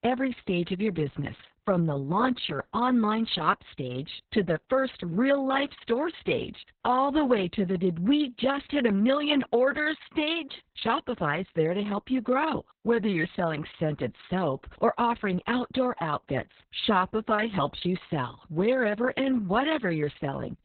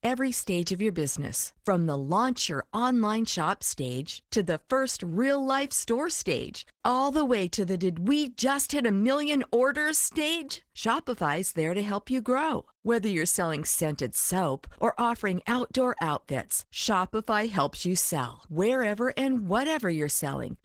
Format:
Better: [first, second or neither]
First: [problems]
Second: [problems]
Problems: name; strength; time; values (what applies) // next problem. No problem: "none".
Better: second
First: garbled, watery; badly; nothing above 4 kHz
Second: garbled, watery; slightly; nothing above 16.5 kHz